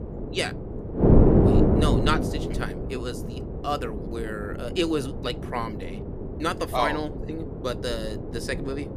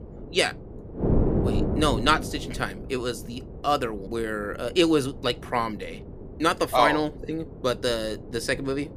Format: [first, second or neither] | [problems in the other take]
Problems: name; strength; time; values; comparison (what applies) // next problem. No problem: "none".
second | wind noise on the microphone; heavy; 2 dB below the speech; occasional gusts in the second